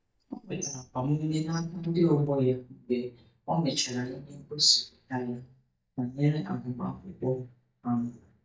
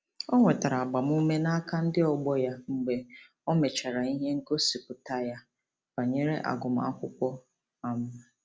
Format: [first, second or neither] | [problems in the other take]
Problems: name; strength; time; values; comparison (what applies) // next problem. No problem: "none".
second | noise reduction (neural mask model DeepFilterNet 3)